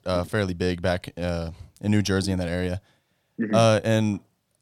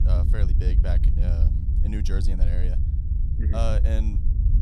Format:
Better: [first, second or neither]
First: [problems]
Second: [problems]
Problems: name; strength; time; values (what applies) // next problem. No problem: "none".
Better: first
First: none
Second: low rumble; loud; throughout; 5 dB below the speech